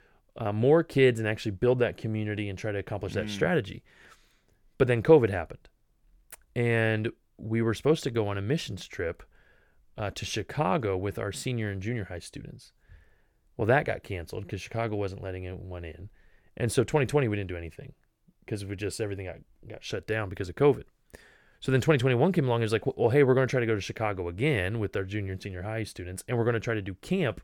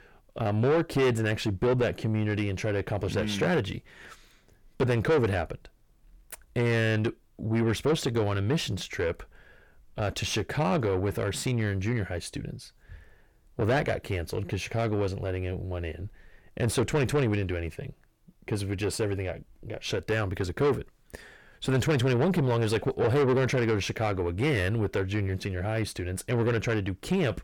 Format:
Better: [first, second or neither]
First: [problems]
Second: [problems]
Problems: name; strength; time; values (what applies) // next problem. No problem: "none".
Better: first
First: none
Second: distortion; heavy; 7 dB below the speech